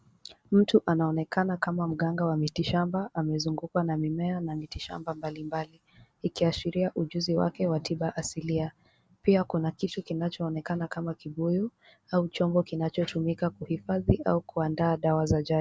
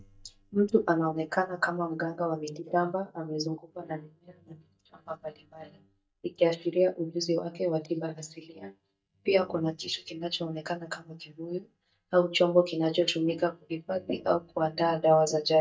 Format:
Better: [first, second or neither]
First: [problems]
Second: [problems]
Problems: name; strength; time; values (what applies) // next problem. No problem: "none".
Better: first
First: none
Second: noise reduction (neural mask model DeepFilterNet 3)